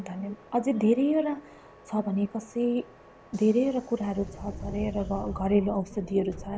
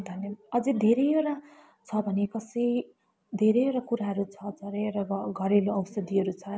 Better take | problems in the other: second | background sound (Subway, metro, underground); 15 dB below the speech

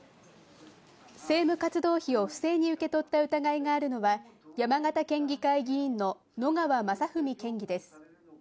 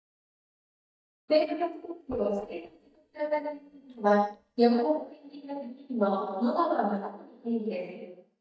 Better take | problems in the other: first | noise reduction (neural mask model DeepFilterNet 3)

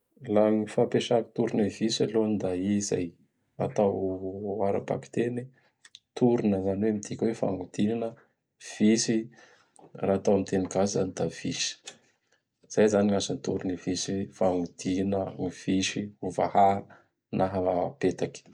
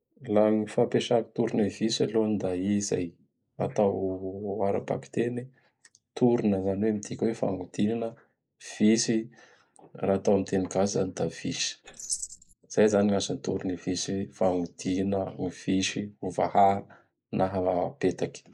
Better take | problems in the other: first | noise reduction (neural mask model Resemble Enhance denoiser)

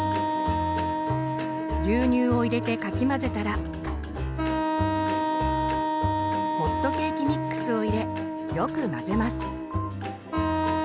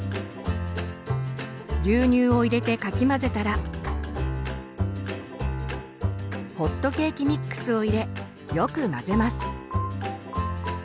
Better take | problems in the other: second | background sound (Wind instrument, woodwind instrument); as loud as the speech

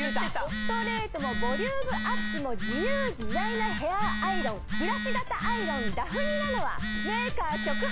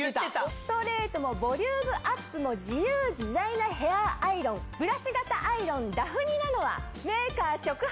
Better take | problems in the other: second | background sound (Telephone); 2 dB above the speech

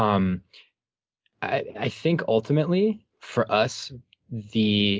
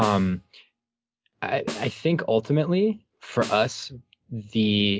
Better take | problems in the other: first | background sound (Snare drum); 15 dB below the speech

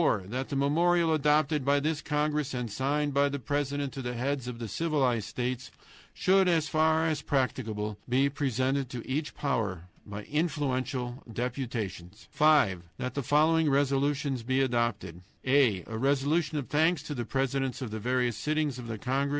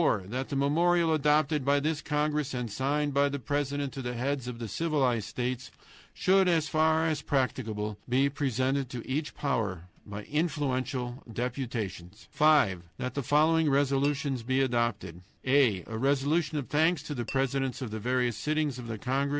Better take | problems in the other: first | background sound (Tap / Glass); 20 dB below the speech

